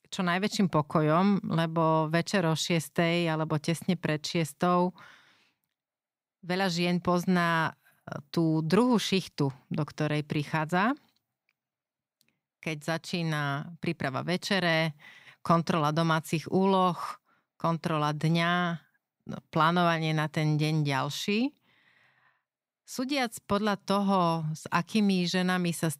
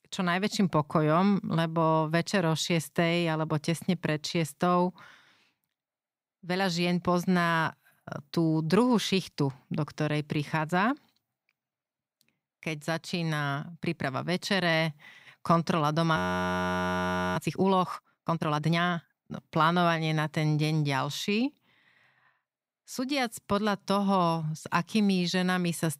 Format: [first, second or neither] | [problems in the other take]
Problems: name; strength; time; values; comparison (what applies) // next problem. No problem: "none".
first | audio freezing; at 16 s for 1 s